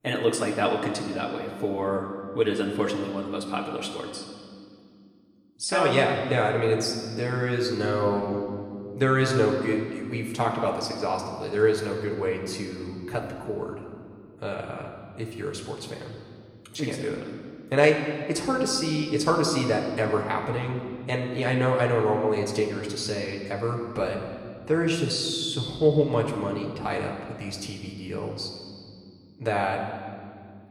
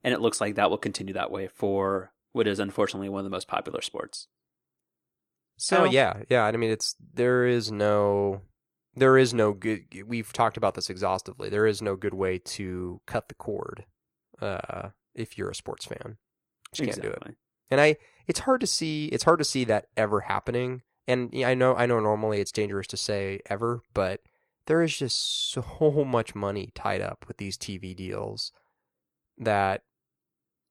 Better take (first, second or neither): second